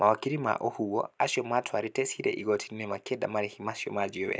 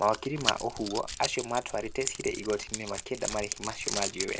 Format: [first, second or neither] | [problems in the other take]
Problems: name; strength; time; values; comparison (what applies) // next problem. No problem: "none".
first | background sound (Keys jangling); 5 dB below the speech